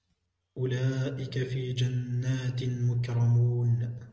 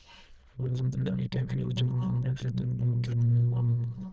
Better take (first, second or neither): first